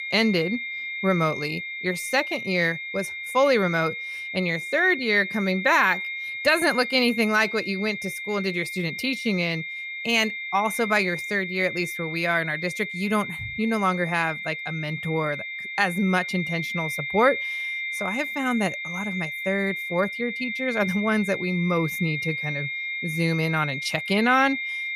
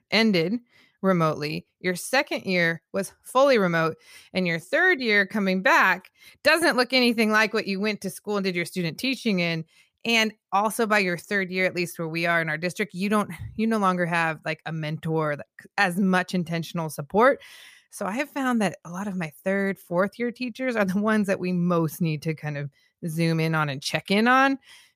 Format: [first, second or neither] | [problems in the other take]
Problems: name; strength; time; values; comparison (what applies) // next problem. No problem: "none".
second | high-pitched whine; loud; throughout; 2 kHz, 5 dB below the speech